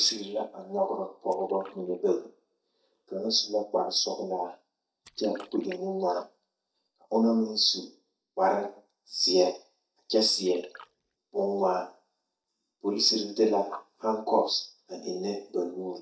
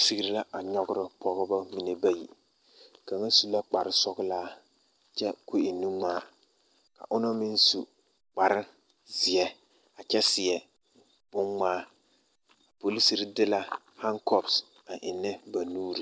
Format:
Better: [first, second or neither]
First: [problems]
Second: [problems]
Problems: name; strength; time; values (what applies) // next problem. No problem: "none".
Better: second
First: noise reduction (neural mask model DeepFilterNet 3)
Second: none